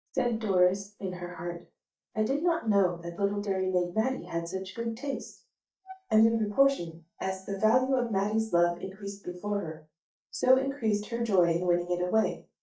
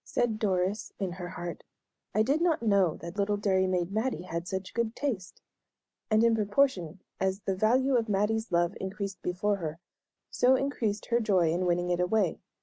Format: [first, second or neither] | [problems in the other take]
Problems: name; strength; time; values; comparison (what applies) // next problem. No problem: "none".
second | noise reduction (neural mask model DeepFilterNet 3)